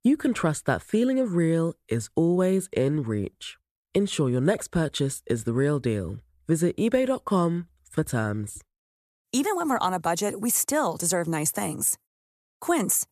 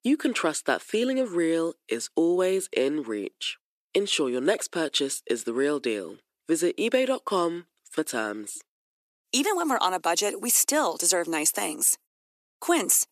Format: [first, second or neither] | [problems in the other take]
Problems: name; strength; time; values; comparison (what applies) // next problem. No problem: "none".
first | thin; very slightly; fading below 300 Hz